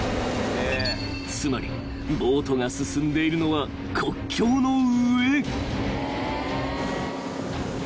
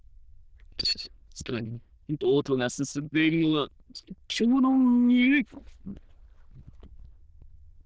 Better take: first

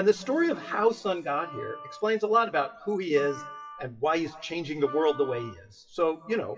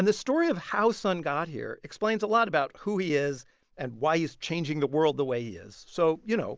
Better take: second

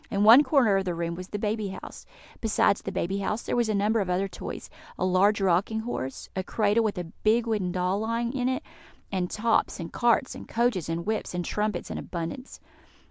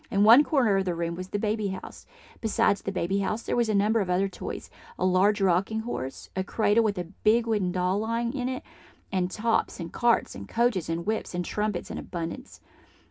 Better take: first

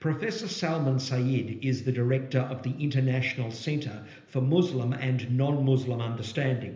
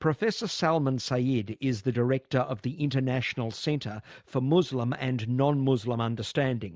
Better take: second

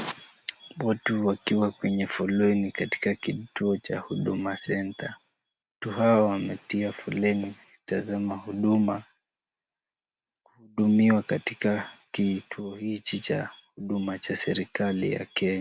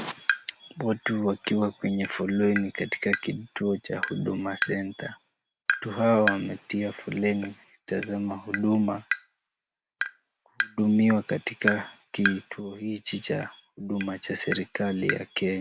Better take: first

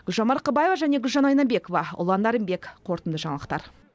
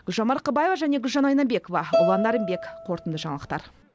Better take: first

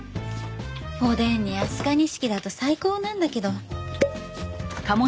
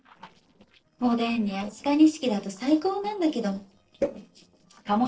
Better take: first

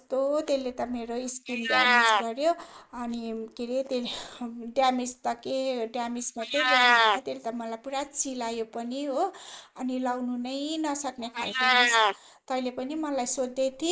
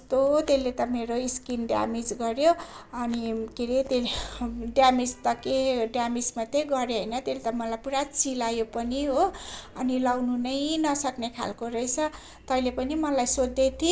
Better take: second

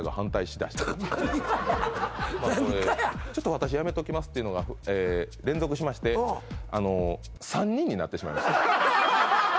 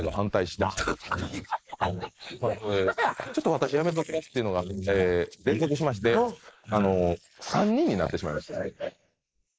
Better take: first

